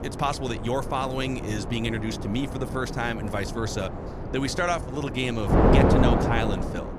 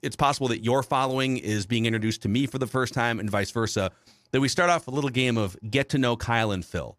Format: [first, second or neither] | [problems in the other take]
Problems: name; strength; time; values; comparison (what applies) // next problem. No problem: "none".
second | wind noise on the microphone; heavy; 1 dB below the speech